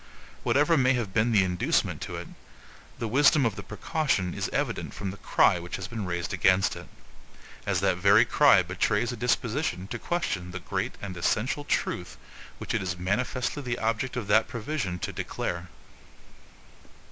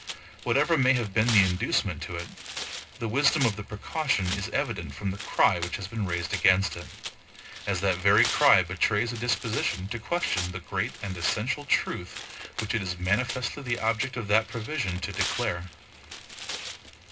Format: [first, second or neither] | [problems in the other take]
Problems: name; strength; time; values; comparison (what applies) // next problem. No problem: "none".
first | background sound (Tearing); 10 dB below the speech // room echo; dies away in 0.2 s